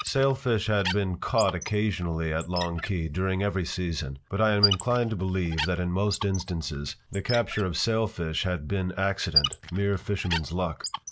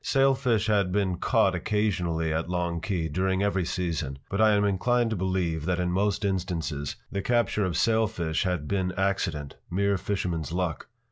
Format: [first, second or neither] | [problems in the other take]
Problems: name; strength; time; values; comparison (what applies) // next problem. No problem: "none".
second | background sound (Squeak); 8 dB below the speech